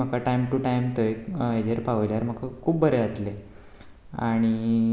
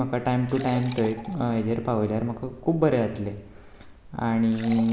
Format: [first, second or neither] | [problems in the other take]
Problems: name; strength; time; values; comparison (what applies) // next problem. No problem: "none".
first | background sound (Liquid); 20 dB below the speech